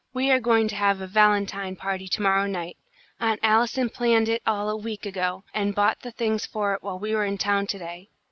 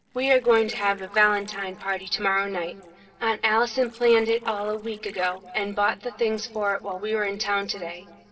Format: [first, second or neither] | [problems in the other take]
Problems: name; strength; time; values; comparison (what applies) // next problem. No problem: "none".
first | noise reduction (neural separator model SepFormer DNS4)